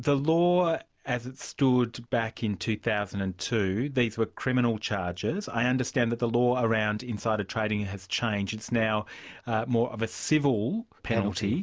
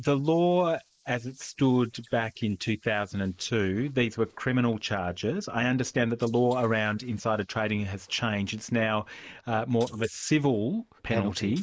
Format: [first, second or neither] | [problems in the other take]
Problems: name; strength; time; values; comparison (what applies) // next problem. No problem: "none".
first | noise reduction (neural mask model Resemble Enhance denoiser)